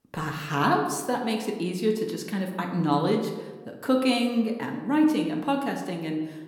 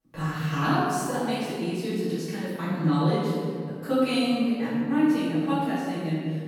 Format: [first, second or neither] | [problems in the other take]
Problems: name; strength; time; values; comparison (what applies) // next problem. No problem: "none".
first | room echo; strong; dies away in 2.1 s; slight in the first // off-mic speech; far